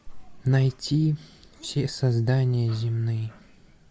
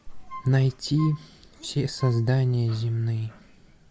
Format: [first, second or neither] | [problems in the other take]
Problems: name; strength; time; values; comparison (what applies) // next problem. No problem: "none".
first | background sound (Wind instrument, woodwind instrument); 18 dB below the speech